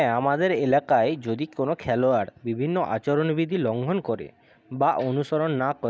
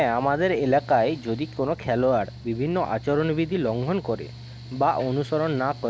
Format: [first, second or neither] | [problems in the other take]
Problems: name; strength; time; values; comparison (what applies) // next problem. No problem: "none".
first | background sound (Mechanical fan); 16 dB below the speech